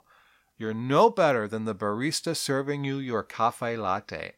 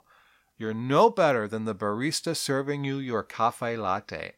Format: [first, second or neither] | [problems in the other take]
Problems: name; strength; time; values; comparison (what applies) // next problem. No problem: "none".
neither | none